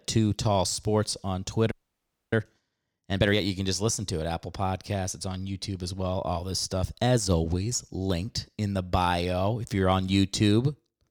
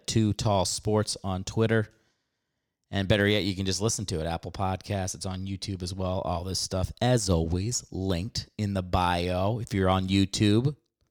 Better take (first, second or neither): second